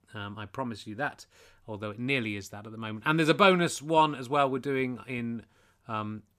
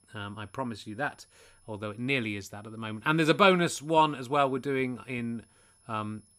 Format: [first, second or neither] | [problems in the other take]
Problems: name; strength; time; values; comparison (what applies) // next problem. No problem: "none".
first | high-pitched whine; faint; throughout; 10.5 kHz, 35 dB below the speech